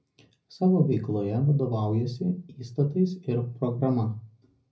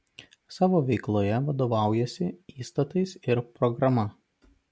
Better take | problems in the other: second | room echo; dies away in 0.4 s

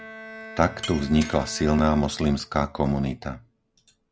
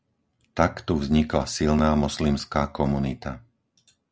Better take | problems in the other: second | background sound (Shatter + Bowed string instrument); 17 dB below the speech

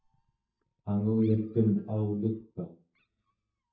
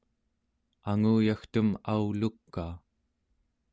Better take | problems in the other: second | noise reduction (neural mask model DeepFilterNet 3)

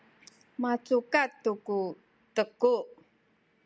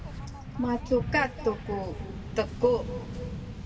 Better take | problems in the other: first | background sound (Waves, surf); 7 dB below the speech // room echo; dies away in 1.7 s

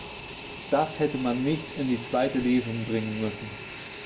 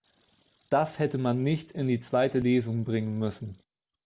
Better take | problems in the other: second | background sound (Fixed-wing aircraft, airplane); 11 dB below the speech // room echo; dies away in 0.4 s

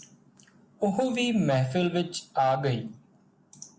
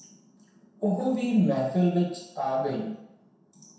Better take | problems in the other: first | room echo; dies away in 0.7 s

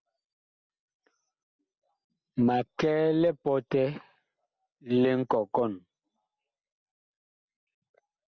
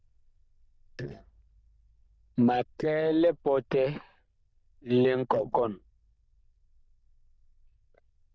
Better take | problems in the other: first | noise reduction (neural diffusion model UNIVERSE++)

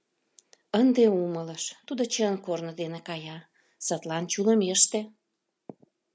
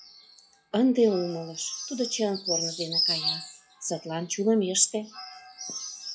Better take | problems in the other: first | noise reduction (classical method log-MMSE)

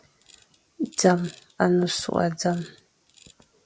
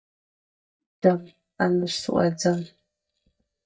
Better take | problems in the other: first | noise reduction (neural mask model DeepFilterNet 3)

